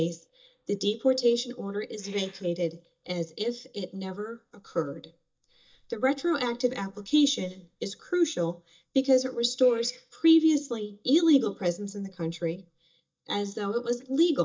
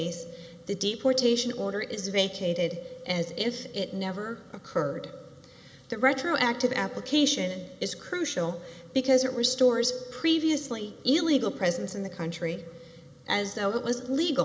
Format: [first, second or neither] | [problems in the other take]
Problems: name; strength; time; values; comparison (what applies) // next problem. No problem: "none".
second | noise reduction (neural mask model DeepFilterNet 3)